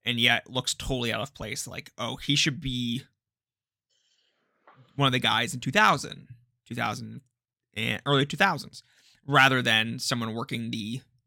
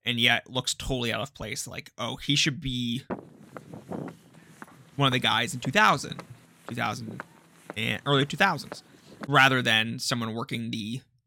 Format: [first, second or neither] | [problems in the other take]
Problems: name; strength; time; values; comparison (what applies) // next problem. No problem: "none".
first | footsteps; faint; from 3 to 9.5 s; peak 15 dB below the speech